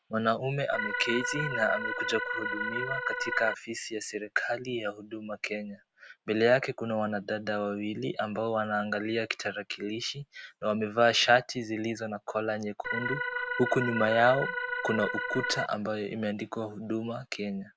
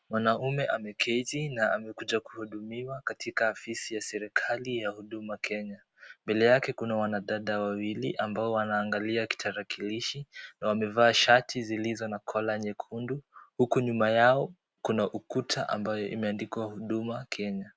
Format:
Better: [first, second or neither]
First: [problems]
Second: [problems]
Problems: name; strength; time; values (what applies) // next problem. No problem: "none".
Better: second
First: background sound (Organ); 2 dB below the speech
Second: none